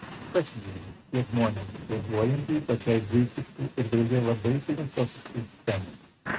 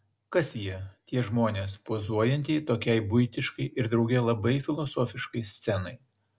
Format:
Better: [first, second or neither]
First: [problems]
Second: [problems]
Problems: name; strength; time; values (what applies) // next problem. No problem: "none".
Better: second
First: noise reduction (neural mask model RNNoise)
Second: none